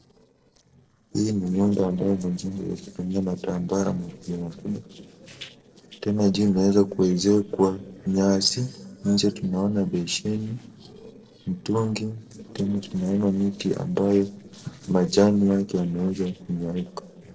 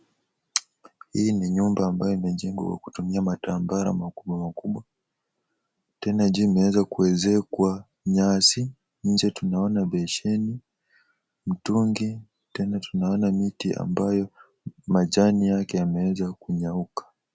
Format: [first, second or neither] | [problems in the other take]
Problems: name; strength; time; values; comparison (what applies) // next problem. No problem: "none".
second | noise reduction (neural separator model SepFormer DNS4)